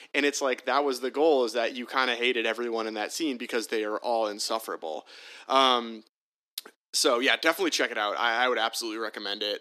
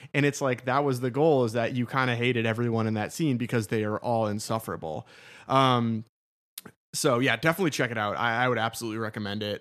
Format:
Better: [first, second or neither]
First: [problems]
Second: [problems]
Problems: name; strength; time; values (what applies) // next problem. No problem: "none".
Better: second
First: thin; somewhat; fading below 300 Hz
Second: none